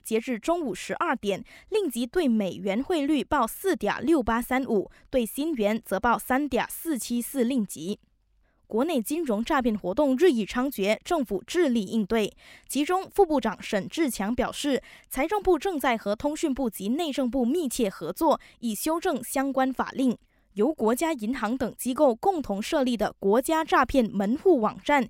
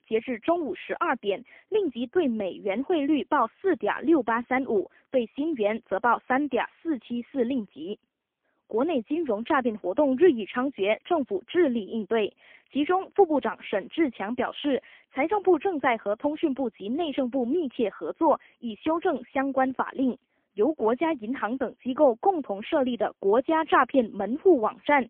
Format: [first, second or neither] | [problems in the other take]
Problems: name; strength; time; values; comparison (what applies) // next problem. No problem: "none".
first | phone-call audio; poor line; nothing above 3.5 kHz